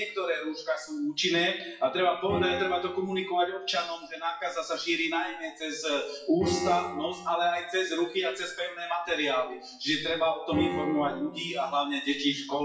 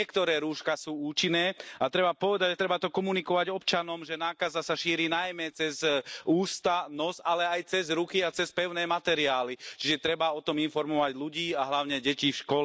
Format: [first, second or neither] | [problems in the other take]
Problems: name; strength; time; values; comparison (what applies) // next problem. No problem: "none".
second | noise reduction (classical method WPE with log-MMSE)